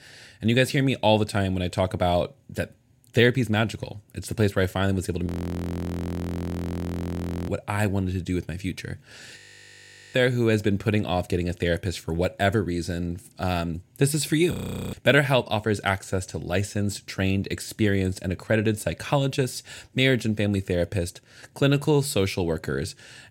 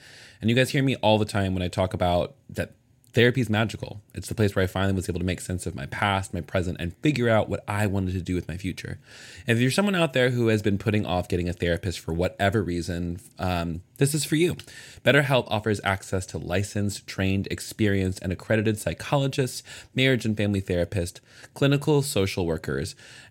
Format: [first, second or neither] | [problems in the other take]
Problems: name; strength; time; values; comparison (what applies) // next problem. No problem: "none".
second | audio freezing; at 5.5 s for 2 s, at 9.5 s for 1 s and at 15 s